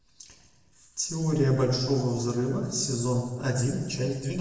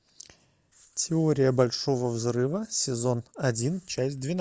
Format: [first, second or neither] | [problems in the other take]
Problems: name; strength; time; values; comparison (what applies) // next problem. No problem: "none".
second | room echo; dies away in 1.1 s